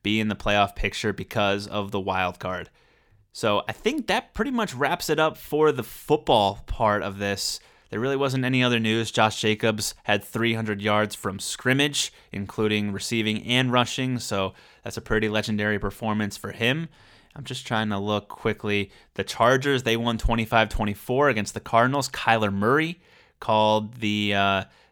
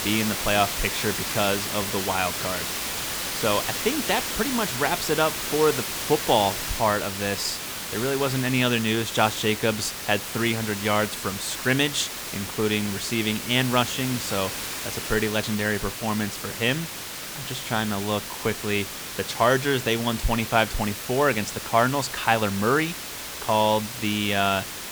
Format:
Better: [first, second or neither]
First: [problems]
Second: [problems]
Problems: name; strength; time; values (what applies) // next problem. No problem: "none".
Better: first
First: none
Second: hiss; loud; throughout; 5 dB below the speech